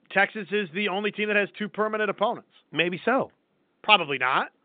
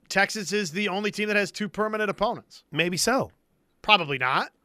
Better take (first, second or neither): second